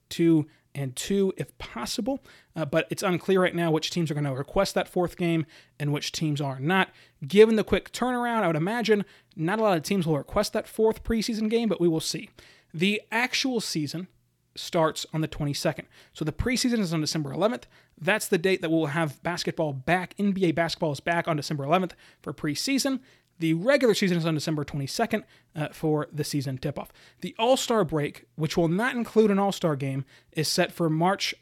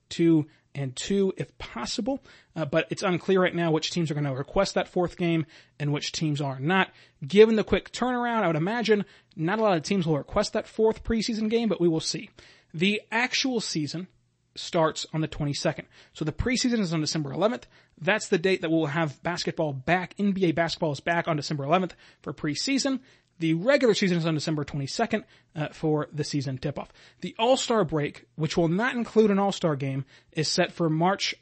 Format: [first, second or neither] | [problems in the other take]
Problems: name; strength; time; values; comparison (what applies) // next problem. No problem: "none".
first | garbled, watery; slightly; nothing above 8 kHz